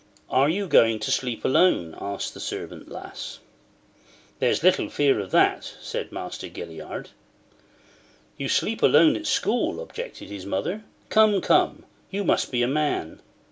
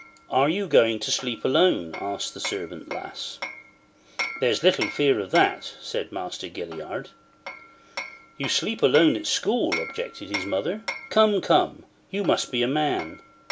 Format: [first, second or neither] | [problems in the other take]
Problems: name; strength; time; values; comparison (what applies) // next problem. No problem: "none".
first | background sound (Hammer); 13 dB below the speech